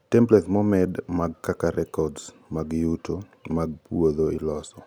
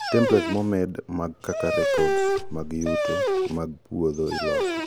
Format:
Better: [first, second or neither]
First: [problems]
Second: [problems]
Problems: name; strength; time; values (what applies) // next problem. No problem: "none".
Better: first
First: none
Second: background sound (Dog); as loud as the speech